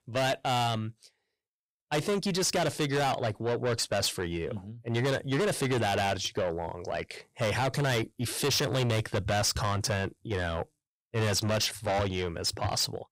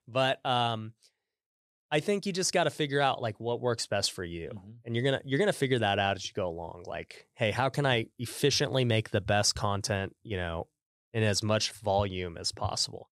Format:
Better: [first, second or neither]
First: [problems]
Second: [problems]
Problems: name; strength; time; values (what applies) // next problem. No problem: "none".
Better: second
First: distortion; heavy; 5 dB below the speech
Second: none